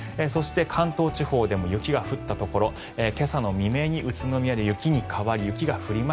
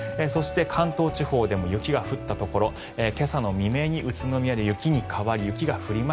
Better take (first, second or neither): first